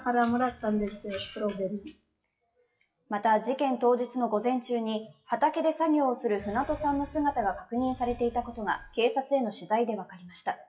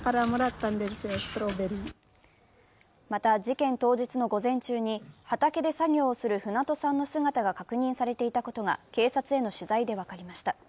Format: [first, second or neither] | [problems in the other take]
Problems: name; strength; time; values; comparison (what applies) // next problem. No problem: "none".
second | noise reduction (classical method WPE with log-MMSE)